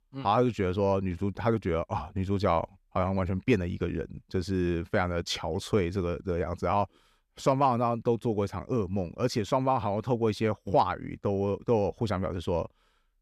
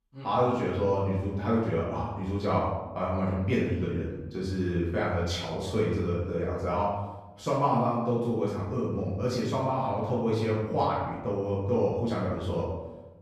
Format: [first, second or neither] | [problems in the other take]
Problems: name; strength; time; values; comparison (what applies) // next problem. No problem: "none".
first | off-mic speech; far // room echo; noticeable; dies away in 0.8 s